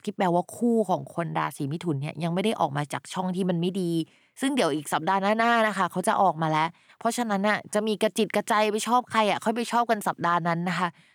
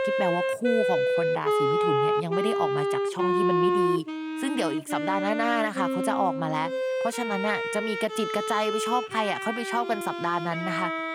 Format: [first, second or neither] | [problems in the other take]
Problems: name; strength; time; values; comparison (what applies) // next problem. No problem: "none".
first | background music; very loud; throughout; 2 dB above the speech